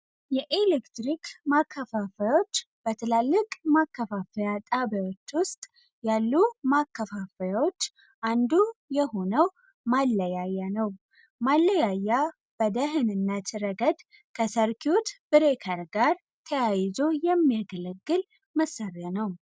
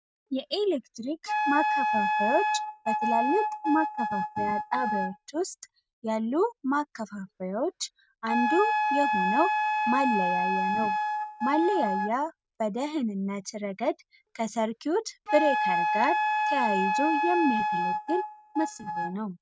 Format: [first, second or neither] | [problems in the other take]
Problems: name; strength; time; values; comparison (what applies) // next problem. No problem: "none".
first | noise reduction (neural mask model RNNoise)